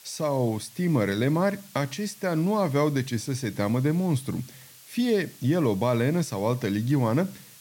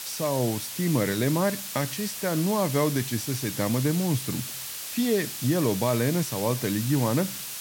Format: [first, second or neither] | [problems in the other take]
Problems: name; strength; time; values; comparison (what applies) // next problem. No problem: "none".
first | hiss; loud; throughout; 6 dB below the speech; faint in the first